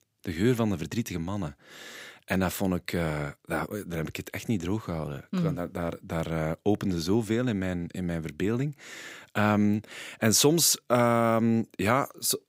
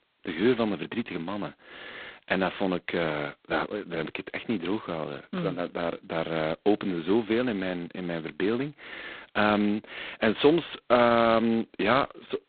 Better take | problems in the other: first | phone-call audio; poor line; nothing above 4 kHz

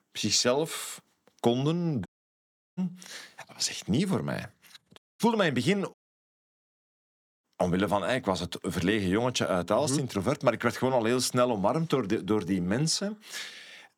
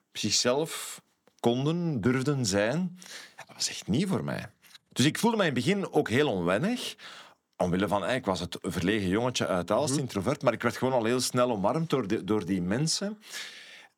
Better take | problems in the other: second | audio cutting out; at 2 s for 0.5 s, at 5 s and at 6 s for 1.5 s

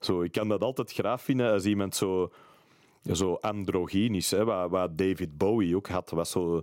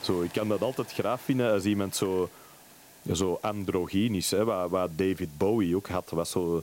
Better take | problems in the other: first | hiss; faint; throughout; 20 dB below the speech

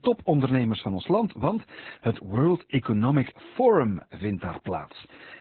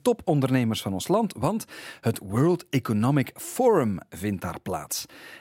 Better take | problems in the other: second | garbled, watery; badly; nothing above 4 kHz

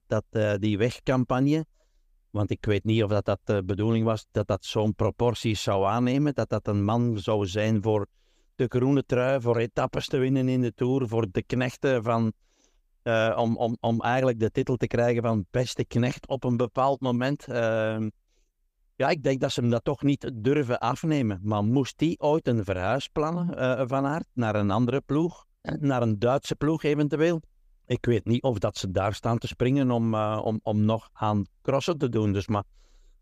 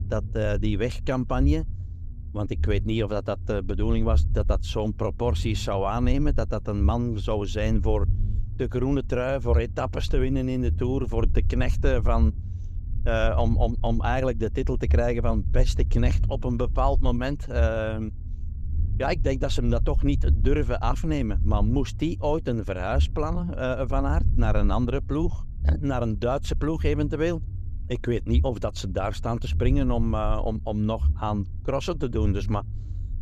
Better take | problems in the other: first | low rumble; noticeable; throughout; 20 dB below the speech

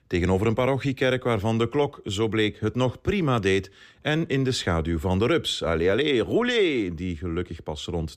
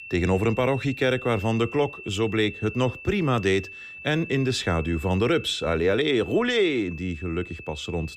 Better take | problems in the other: first | high-pitched whine; noticeable; throughout; 2.5 kHz, 15 dB below the speech

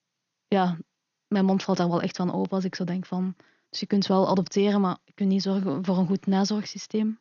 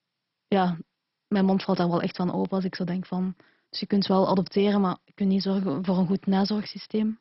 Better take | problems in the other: first | garbled, watery; badly; nothing above 5.5 kHz; slightly in the first

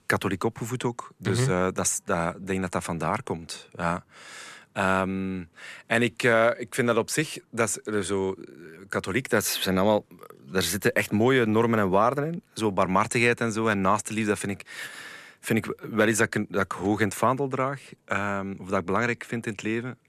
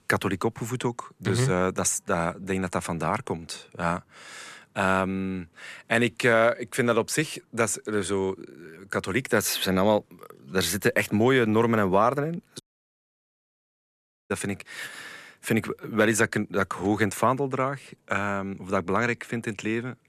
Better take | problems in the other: first | audio cutting out; at 13 s for 1.5 s

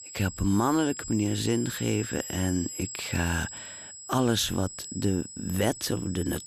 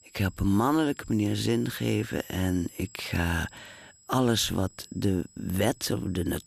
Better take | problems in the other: second | high-pitched whine; loud; throughout; 7.5 kHz, 10 dB below the speech; faint in the second

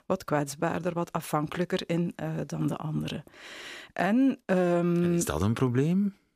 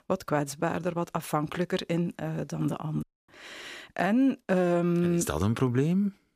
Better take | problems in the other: first | audio cutting out; at 3 s

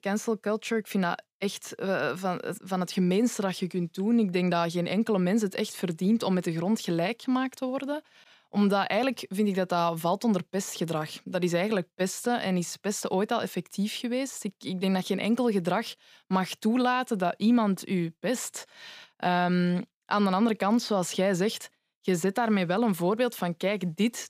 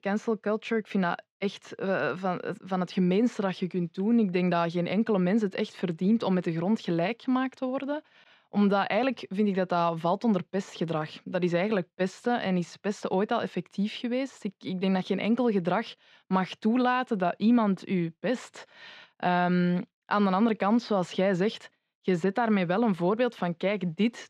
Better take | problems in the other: first | muffled; slightly; fading above 3.5 kHz

